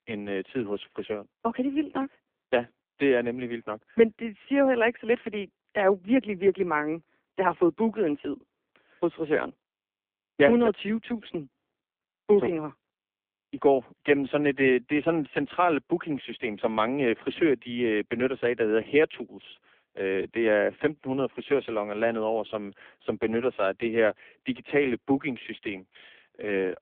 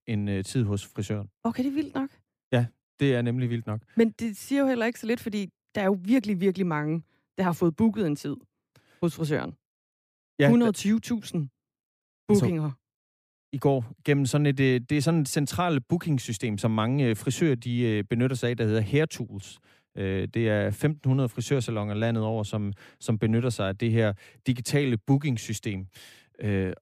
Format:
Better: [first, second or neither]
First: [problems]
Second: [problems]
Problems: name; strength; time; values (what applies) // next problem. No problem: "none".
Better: second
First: phone-call audio; poor line; nothing above 3.5 kHz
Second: none